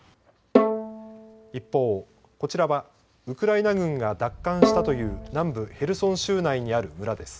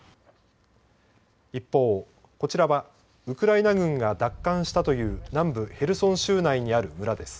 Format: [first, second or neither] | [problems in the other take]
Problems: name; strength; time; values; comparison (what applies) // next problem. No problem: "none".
second | background sound (Bowed string instrument); 2 dB below the speech